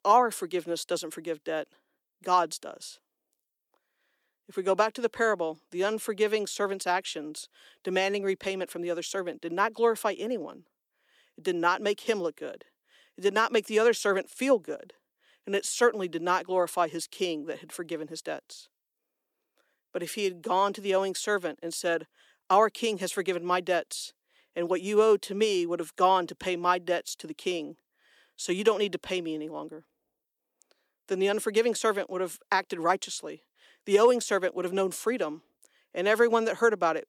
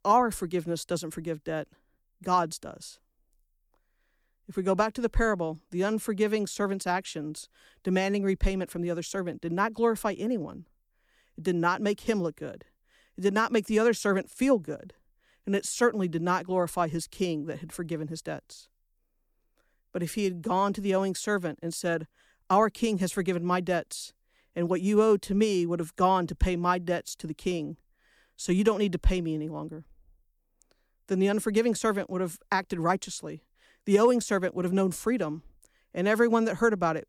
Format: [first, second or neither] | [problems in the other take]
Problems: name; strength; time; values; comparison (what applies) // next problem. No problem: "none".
second | thin; somewhat; fading below 400 Hz